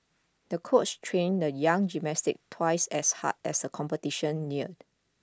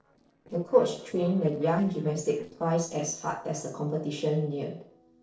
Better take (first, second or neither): first